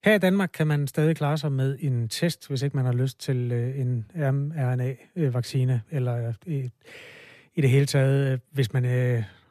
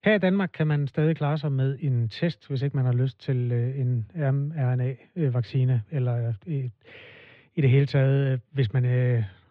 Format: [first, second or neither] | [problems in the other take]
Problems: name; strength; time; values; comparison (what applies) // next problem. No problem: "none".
first | muffled; slightly; fading above 3.5 kHz